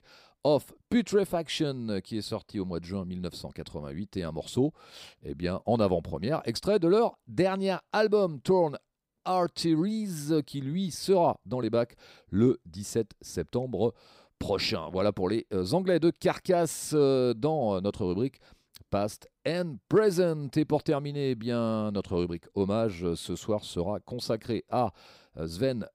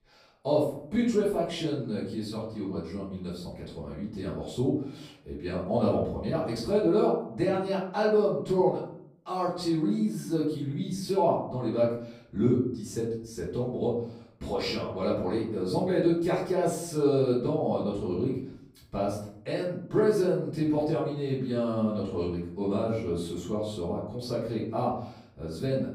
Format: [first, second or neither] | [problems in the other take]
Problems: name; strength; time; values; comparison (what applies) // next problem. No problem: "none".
first | off-mic speech; far // room echo; noticeable; dies away in 0.6 s